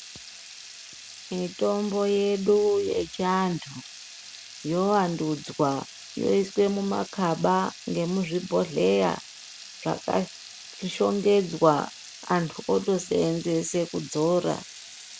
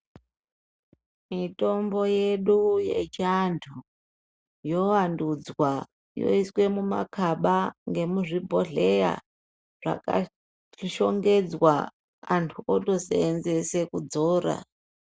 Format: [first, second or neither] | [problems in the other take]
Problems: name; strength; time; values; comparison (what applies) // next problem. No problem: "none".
second | background sound (Water tap, faucet / Liquid); 17 dB below the speech